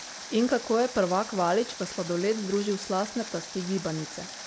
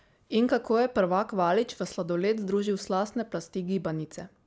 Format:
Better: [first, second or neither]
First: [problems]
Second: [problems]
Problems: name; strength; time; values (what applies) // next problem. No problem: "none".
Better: second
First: background sound (Water); 12 dB below the speech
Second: none